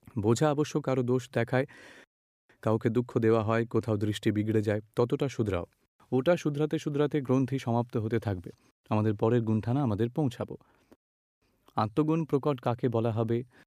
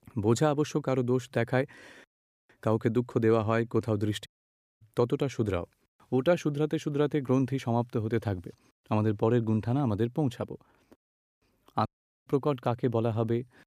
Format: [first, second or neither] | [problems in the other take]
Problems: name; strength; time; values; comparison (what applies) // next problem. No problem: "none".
first | audio cutting out; at 4.5 s for 0.5 s and at 12 s